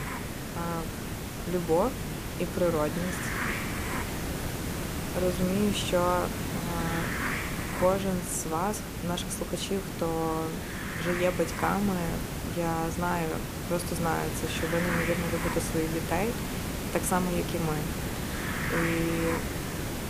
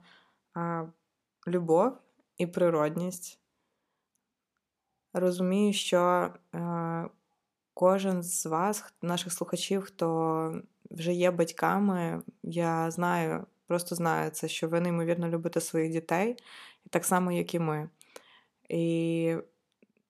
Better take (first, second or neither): second